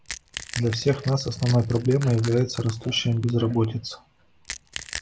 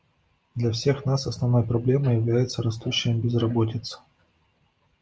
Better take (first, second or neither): second